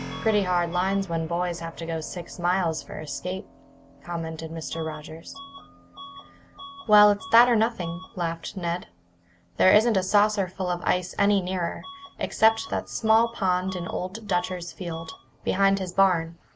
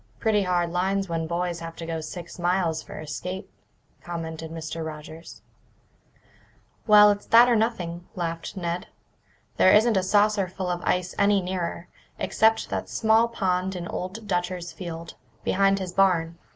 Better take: second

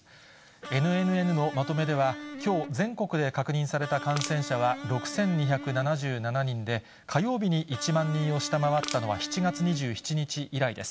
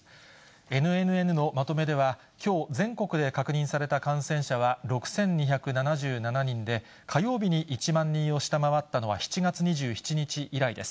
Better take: second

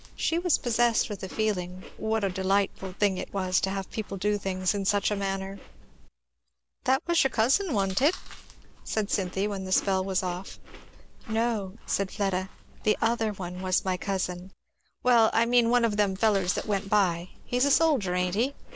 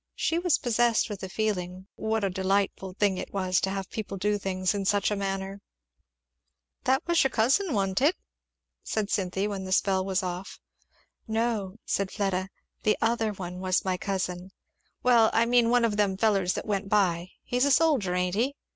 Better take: second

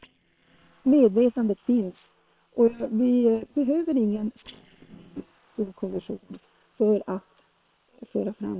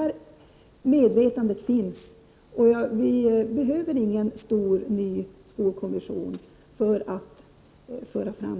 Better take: second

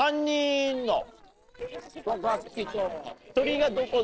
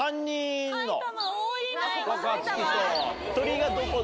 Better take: second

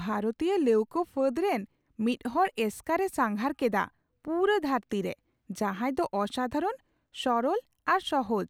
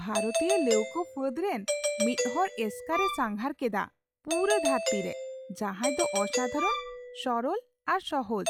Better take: first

